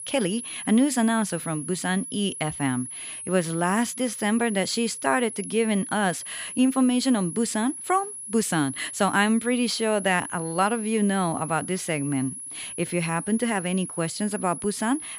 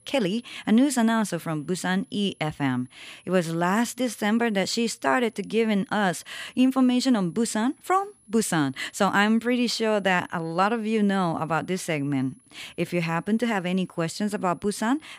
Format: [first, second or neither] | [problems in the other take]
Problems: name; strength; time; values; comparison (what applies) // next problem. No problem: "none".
second | high-pitched whine; loud; throughout; 10.5 kHz, 9 dB below the speech; faint in the second